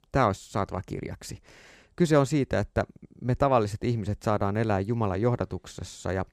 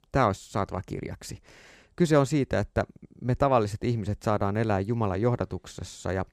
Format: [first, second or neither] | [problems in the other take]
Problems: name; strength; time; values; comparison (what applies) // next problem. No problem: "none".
neither | none